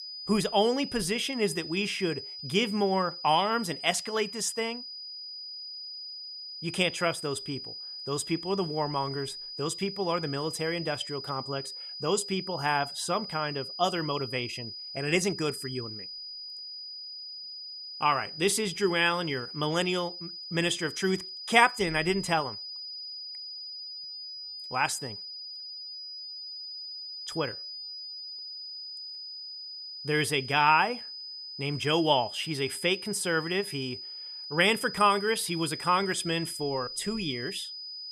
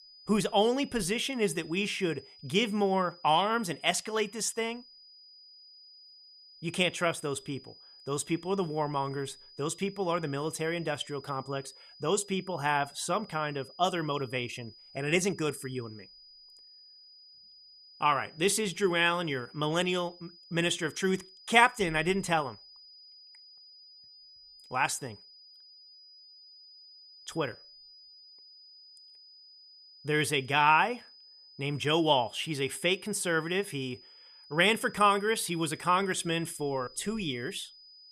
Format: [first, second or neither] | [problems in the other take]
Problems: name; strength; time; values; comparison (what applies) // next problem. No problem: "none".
second | high-pitched whine; loud; throughout; 5 kHz, 9 dB below the speech; faint in the second